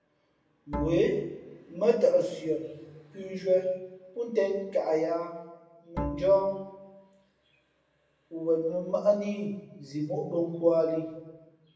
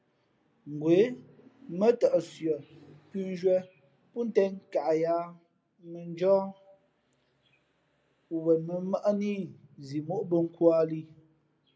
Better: second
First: background sound (Bowed string instrument); 8 dB below the speech // room echo; dies away in 0.9 s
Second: none

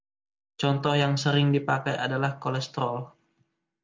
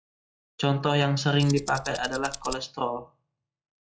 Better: first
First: none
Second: noise reduction (classical method log-MMSE)

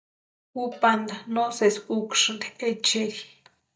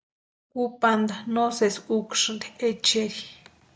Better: second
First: noise reduction (neural mask model DeepFilterNet 3)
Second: none

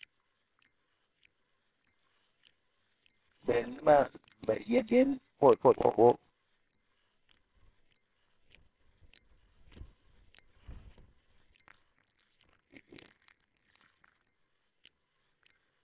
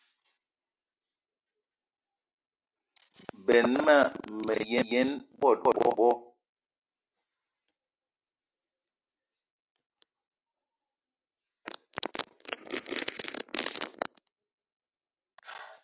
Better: second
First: noise reduction (neural separator model SepFormer WHAMR!)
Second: none

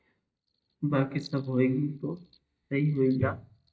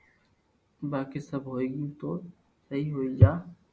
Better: second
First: noise reduction (neural mask model DeepFilterNet 3)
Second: none

